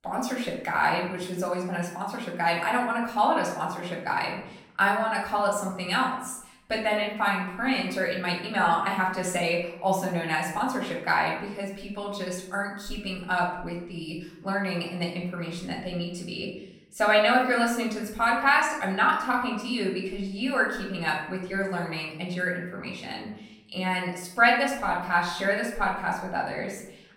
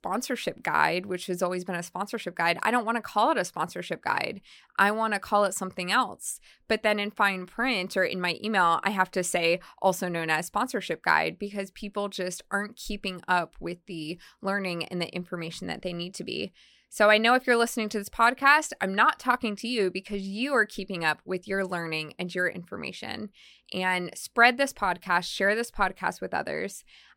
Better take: second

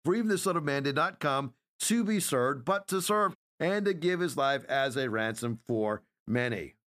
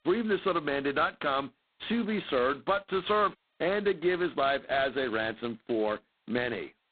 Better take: first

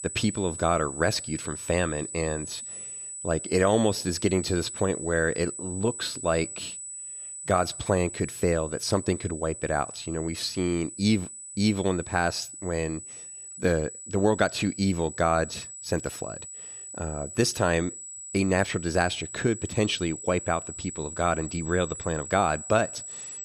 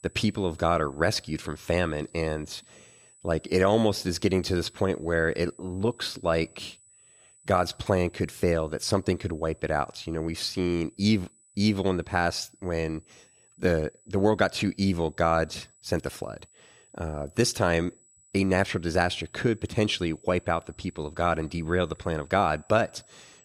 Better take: second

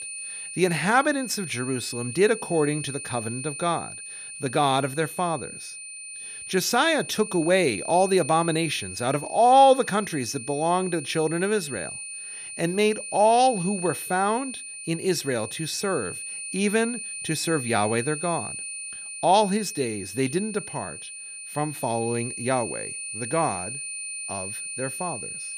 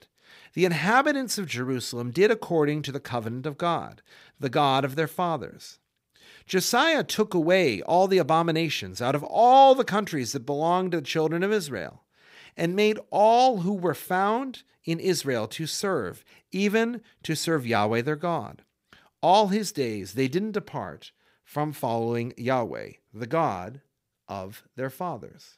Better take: second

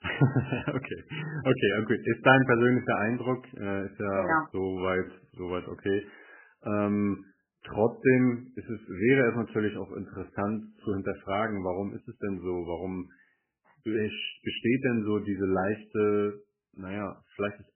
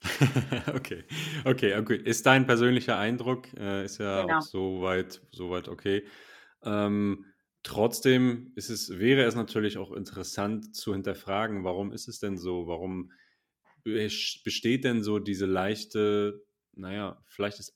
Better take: second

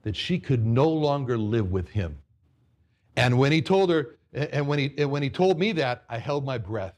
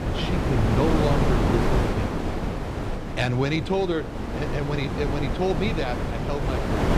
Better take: first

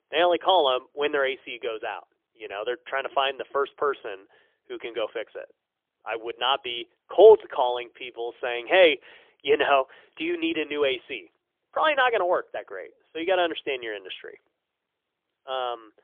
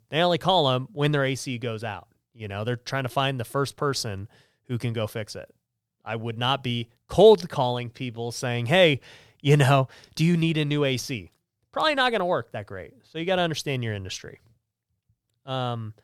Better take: second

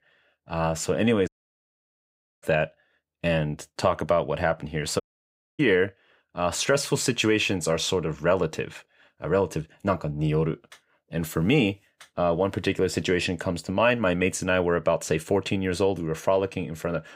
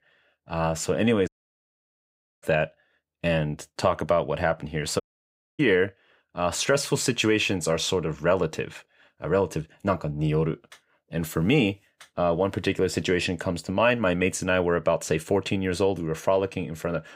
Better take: neither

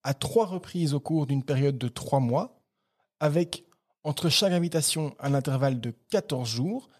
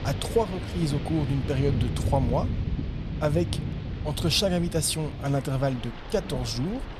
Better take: first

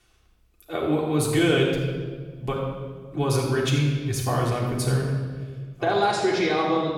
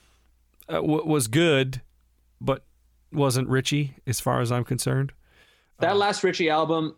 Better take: second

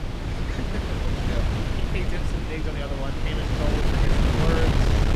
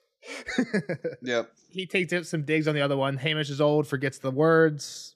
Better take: second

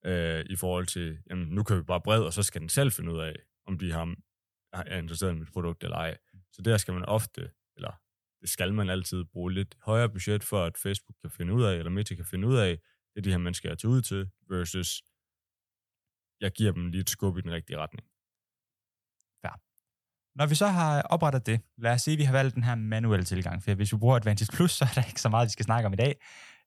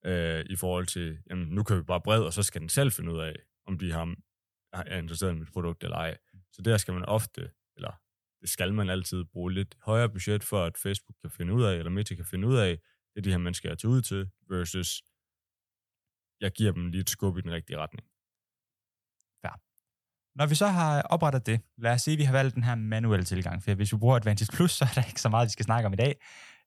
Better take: neither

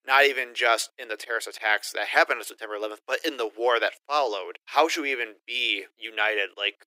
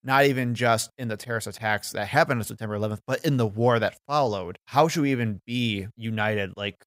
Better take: second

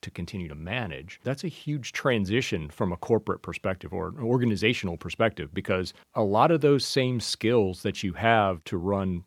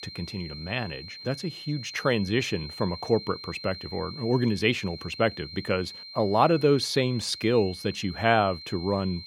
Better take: first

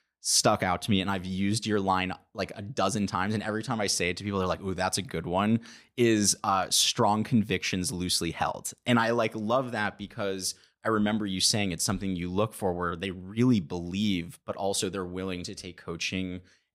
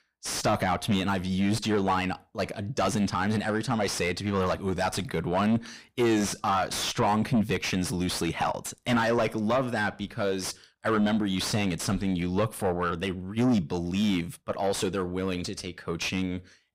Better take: first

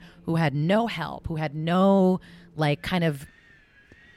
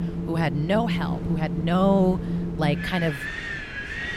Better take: first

